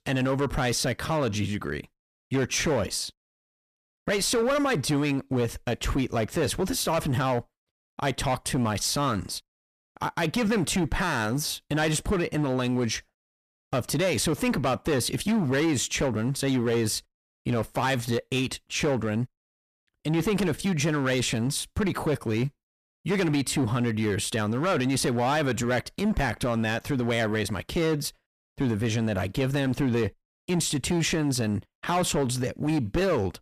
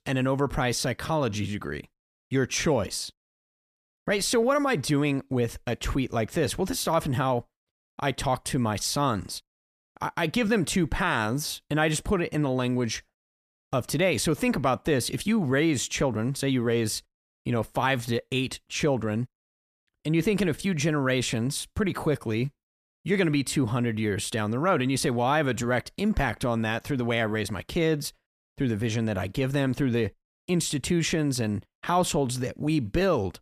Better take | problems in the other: second | distortion; slight; 11% of the sound clipped

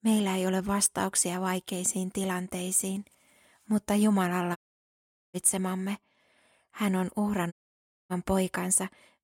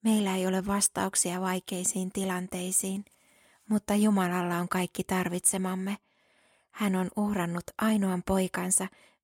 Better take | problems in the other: second | audio cutting out; at 4.5 s for 1 s and at 7.5 s for 0.5 s

